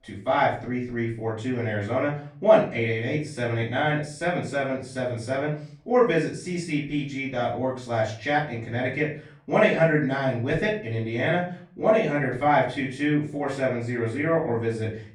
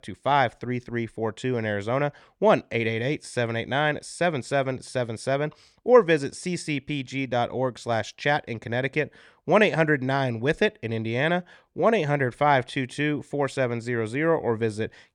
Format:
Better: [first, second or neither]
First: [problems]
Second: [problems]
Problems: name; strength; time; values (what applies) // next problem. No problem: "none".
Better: second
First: off-mic speech; far // room echo; noticeable; dies away in 0.4 s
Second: none